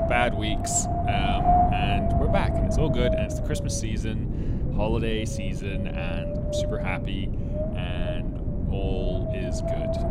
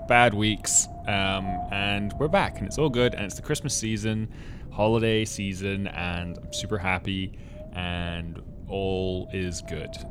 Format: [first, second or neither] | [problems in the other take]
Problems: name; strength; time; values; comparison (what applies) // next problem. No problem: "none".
second | wind noise on the microphone; heavy; 2 dB above the speech; occasional gusts in the second